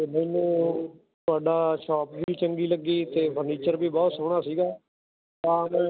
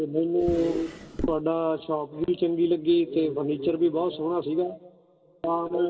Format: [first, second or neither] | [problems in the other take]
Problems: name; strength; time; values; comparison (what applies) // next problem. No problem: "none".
first | background sound (Drawer open or close); 9 dB below the speech // room echo; dies away in 2.5 s